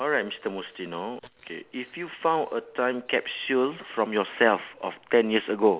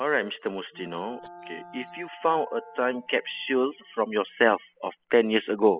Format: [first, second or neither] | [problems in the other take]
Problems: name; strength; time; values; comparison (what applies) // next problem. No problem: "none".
first | noise reduction (classical method spectral subtraction)